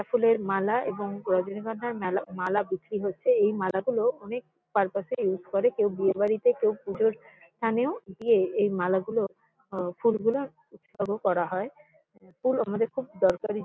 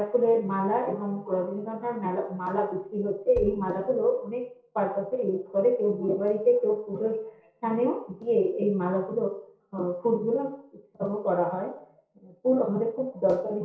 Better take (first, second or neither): first